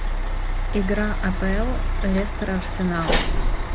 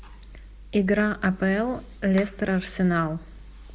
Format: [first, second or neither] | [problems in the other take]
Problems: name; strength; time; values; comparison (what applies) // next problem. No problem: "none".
second | background sound (Truck); 4 dB above the speech